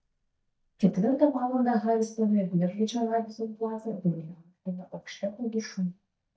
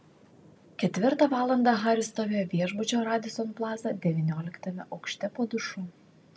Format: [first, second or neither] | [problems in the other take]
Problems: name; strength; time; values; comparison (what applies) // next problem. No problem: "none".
second | noise reduction (neural mask model DeepFilterNet 3)